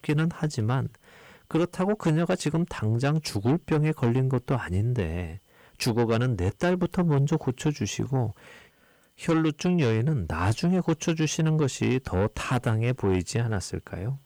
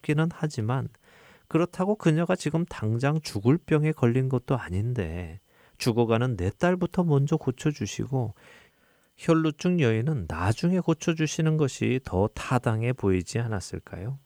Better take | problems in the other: second | distortion; slight; 10 dB below the speech

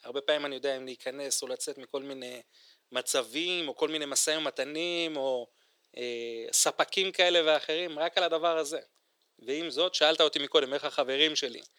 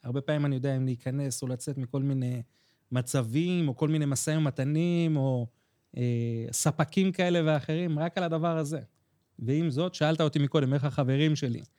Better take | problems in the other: second | thin; very; fading below 450 Hz

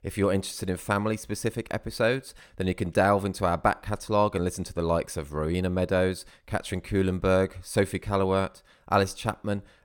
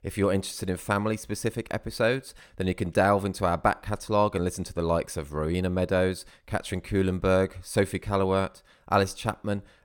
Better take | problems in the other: neither | none

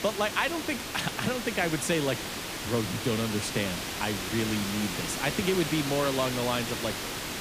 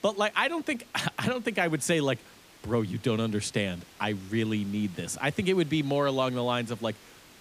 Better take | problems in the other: second | hiss; loud; throughout; 3 dB below the speech; faint in the second

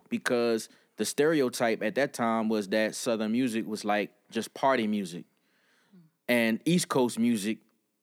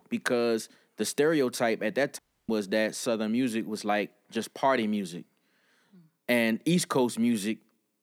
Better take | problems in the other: first | audio cutting out; at 2 s

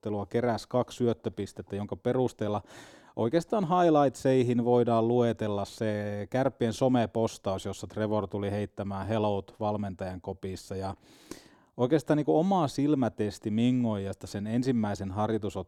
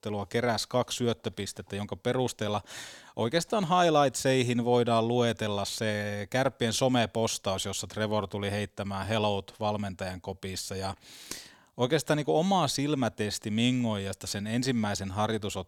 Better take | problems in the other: second | muffled; slightly; fading above 1.5 kHz

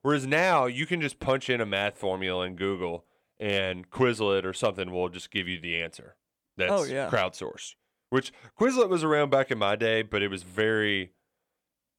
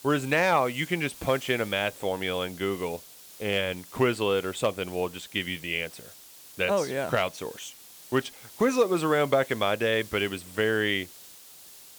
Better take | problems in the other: first | hiss; noticeable; throughout; 20 dB below the speech

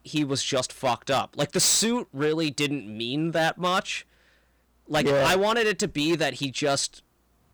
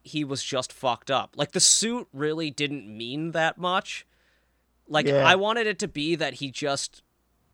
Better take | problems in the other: second | distortion; heavy; 9% of the sound clipped

